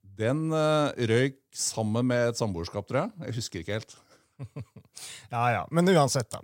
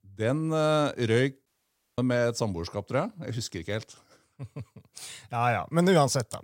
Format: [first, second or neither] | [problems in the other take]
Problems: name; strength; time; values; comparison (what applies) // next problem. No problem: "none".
first | audio cutting out; at 1.5 s for 0.5 s